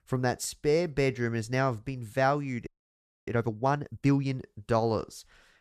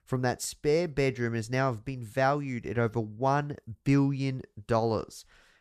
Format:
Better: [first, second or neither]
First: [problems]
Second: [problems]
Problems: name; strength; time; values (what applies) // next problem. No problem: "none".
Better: second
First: audio freezing; at 2.5 s for 0.5 s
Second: none